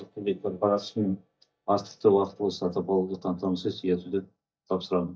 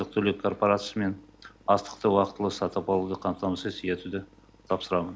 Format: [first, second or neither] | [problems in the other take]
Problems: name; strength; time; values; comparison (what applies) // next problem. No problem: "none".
second | noise reduction (neural mask model DeepFilterNet 3)